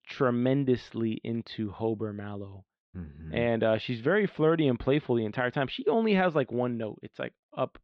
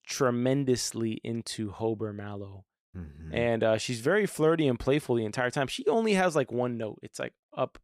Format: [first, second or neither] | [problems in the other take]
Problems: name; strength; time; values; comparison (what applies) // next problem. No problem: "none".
second | muffled; very; fading above 3.5 kHz